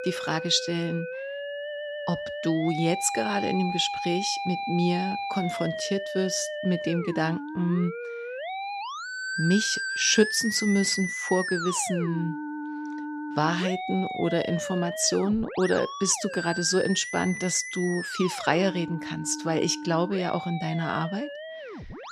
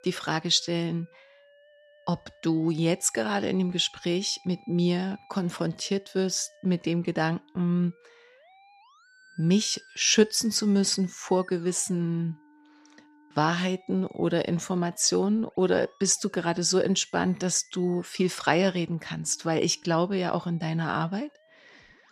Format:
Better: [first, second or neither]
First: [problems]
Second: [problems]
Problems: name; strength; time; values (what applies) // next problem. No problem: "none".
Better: second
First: background music; loud; throughout; 6 dB below the speech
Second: background music; faint; throughout; 30 dB below the speech